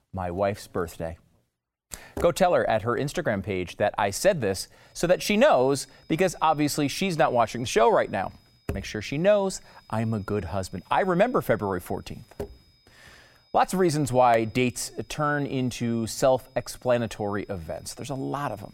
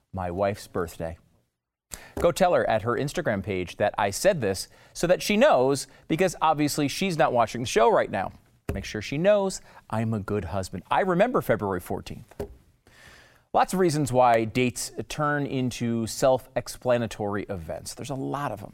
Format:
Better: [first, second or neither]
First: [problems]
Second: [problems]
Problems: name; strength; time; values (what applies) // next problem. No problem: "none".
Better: second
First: high-pitched whine; faint; from 5 s on; 5 kHz, 35 dB below the speech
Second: none